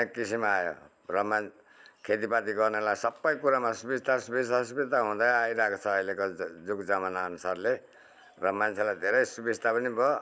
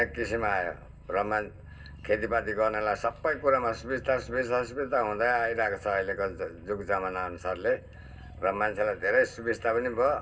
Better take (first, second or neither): first